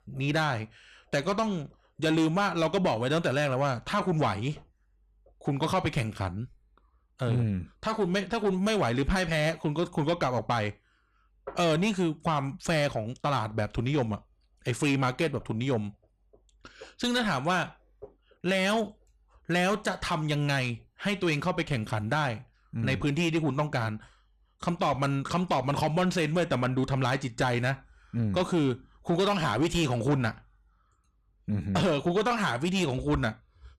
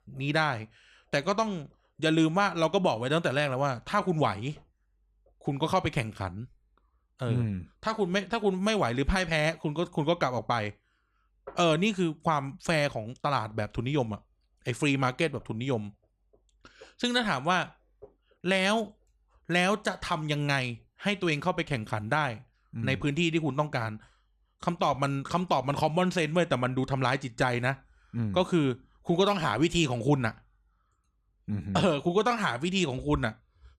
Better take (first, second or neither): second